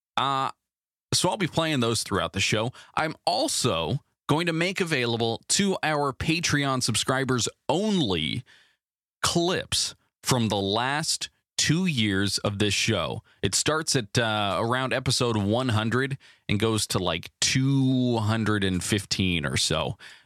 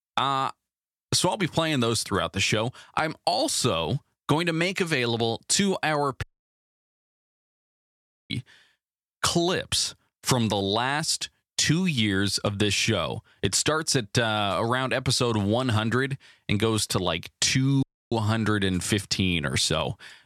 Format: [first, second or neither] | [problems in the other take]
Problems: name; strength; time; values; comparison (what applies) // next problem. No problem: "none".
first | audio cutting out; at 6 s for 2 s and at 18 s